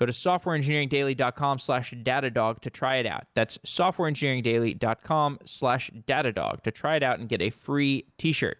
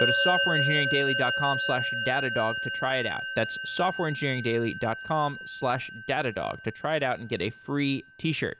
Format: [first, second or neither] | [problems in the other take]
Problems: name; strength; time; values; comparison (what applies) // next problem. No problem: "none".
first | background sound (Musical instrument); 2 dB below the speech